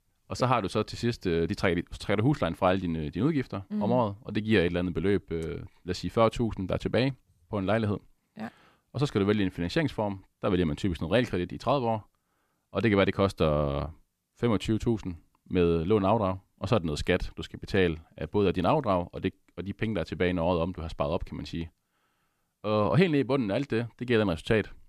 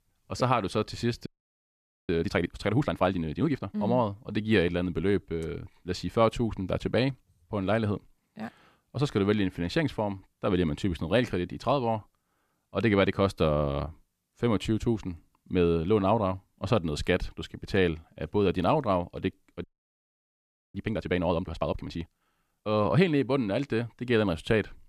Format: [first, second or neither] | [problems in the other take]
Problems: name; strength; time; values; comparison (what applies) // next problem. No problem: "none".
first | audio freezing; at 1.5 s for 1 s and at 20 s for 1 s